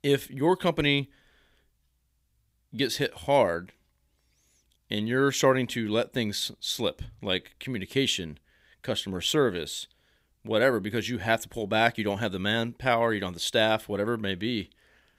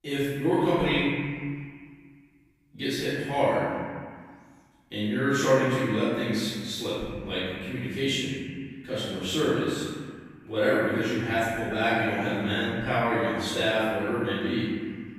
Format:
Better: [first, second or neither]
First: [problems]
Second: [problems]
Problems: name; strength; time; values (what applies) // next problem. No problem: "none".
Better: first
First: none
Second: room echo; strong; dies away in 1.8 s // off-mic speech; far